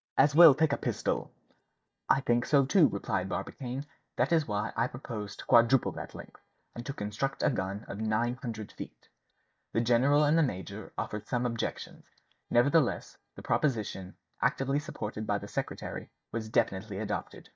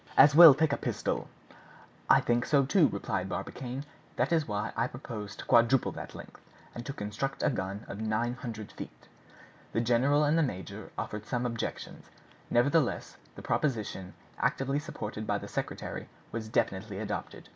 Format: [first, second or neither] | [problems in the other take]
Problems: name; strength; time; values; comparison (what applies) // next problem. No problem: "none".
second | noise reduction (neural mask model DeepFilterNet 3)